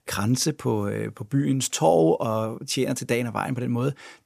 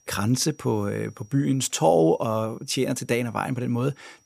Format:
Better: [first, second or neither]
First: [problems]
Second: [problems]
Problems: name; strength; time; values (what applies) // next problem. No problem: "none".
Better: first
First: none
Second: high-pitched whine; faint; throughout; 6 kHz, 35 dB below the speech